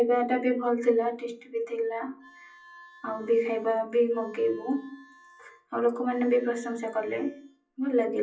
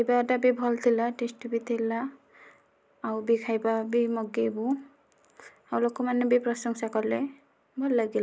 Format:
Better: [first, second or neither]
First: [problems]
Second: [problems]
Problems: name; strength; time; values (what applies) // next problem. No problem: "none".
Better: second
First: noise reduction (classical method WPE with log-MMSE)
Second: none